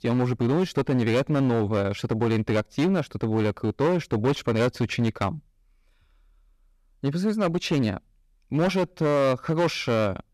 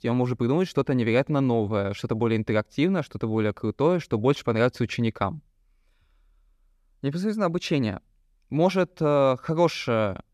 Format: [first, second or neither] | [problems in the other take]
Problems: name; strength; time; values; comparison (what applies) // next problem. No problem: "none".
second | distortion; slight; 12% of the sound clipped